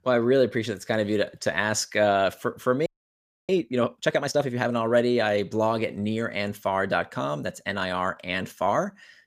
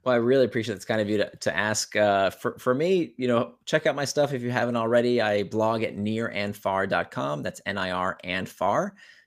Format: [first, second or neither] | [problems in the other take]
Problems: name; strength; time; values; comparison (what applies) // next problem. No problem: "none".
second | audio freezing; at 3 s for 0.5 s